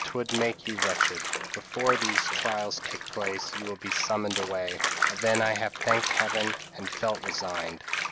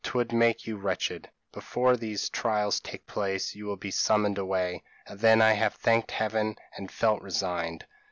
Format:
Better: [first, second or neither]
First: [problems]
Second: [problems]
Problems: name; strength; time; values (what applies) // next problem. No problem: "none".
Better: second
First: background sound (Bathtub (filling or washing)); as loud as the speech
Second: none